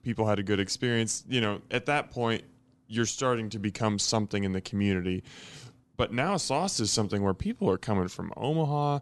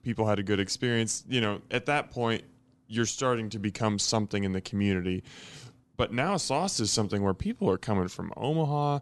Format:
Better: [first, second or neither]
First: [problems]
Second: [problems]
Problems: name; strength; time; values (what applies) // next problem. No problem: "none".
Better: neither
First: none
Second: none